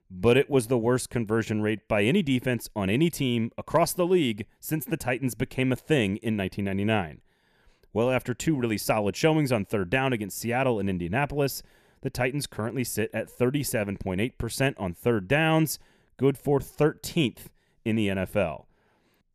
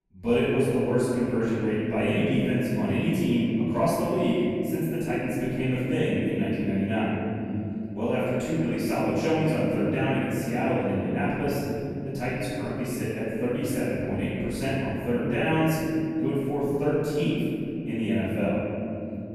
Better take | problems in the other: first | room echo; strong; dies away in 3 s // off-mic speech; far

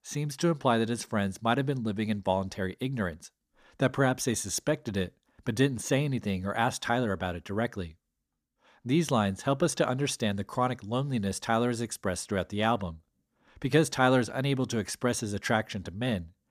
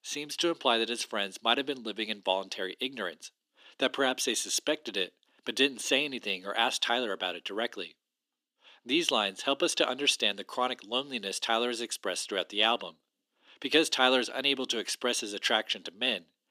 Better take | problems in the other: first | thin; somewhat; fading below 300 Hz

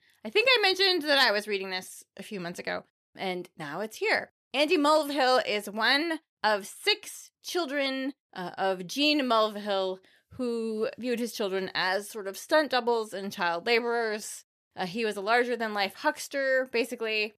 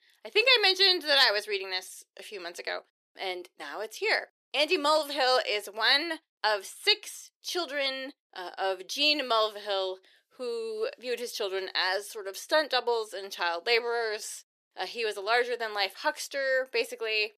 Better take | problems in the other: first | thin; somewhat; fading below 400 Hz

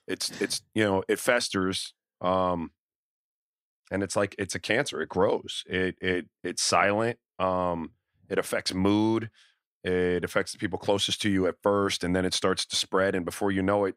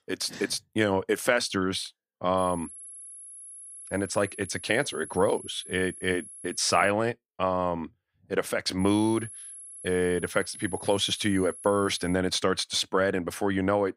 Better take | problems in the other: first | high-pitched whine; noticeable; from 2.5 to 7 s and from 9 to 12 s; 11 kHz, 15 dB below the speech

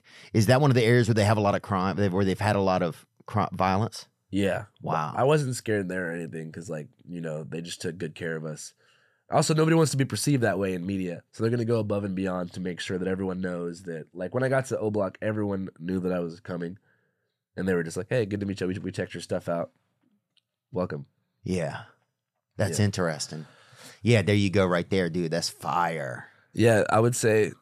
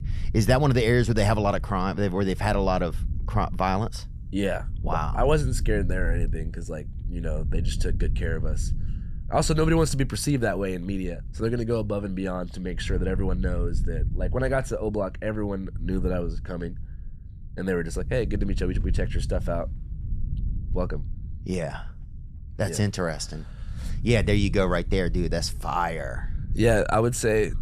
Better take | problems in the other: first | low rumble; faint; throughout; 20 dB below the speech

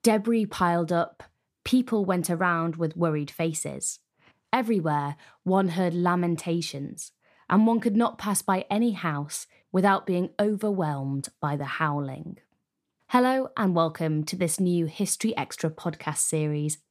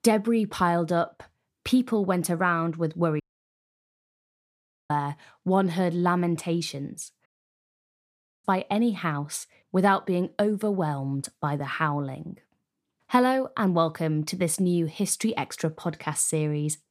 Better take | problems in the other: first | audio cutting out; at 3 s for 1.5 s and at 7.5 s for 1 s

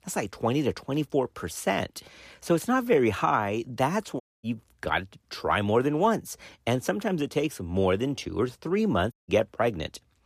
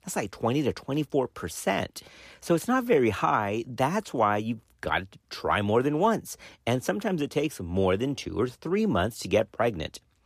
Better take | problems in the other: second | audio cutting out; at 4 s and at 9 s

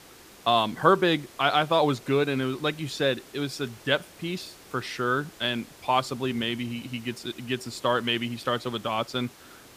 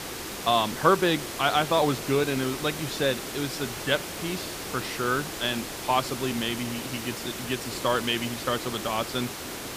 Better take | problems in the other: first | hiss; loud; throughout; 6 dB below the speech; faint in the first

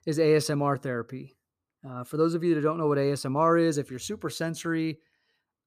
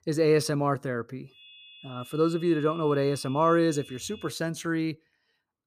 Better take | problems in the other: first | high-pitched whine; faint; from 1.5 to 4.5 s; 3.5 kHz, 20 dB below the speech

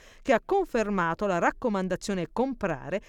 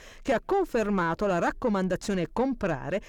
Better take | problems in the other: first | distortion; slight; 10 dB below the speech

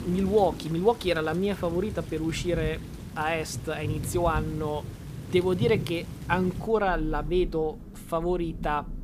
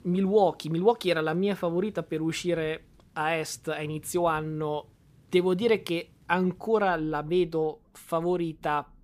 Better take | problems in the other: second | rain or running water; loud; throughout; 9 dB below the speech; faint in the second

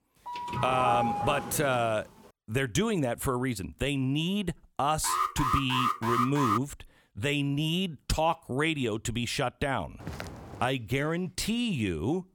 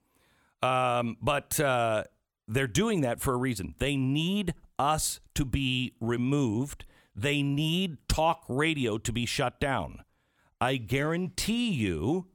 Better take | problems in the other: second | doorbell; loud; until 2 s; peak 1 dB above the speech // alarm; loud; from 5 to 6.5 s; peak 2 dB above the speech // footsteps; faint; at 10 s; peak 10 dB below the speech

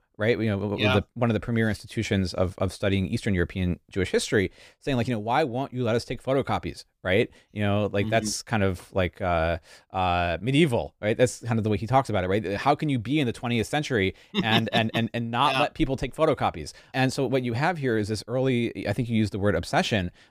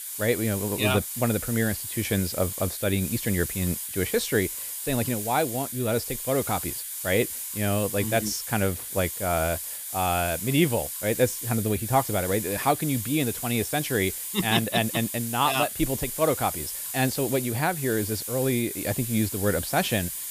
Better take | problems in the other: first | hiss; loud; throughout; 5 dB below the speech

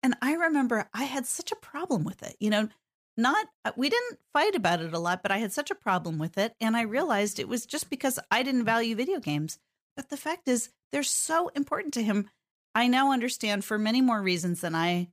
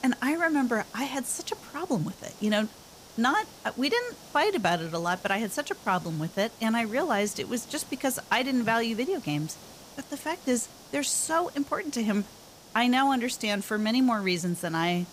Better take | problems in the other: first | hiss; noticeable; throughout; 20 dB below the speech

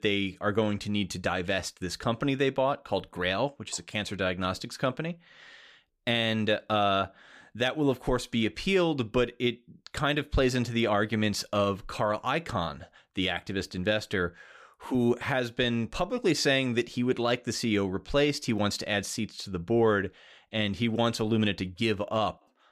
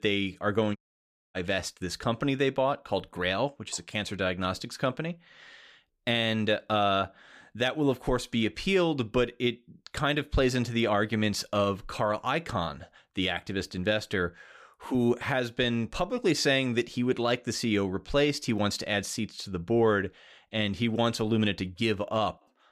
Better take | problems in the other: first | audio cutting out; at 1 s for 0.5 s

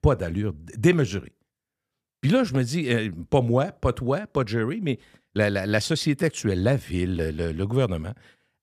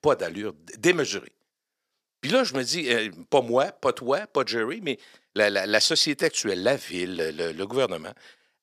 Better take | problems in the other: first | thin; somewhat; fading below 400 Hz

